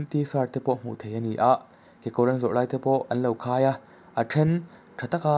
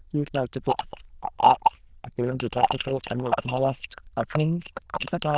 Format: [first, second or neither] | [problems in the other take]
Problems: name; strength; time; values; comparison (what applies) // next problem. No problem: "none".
first | noise reduction (neural diffusion model UNIVERSE++)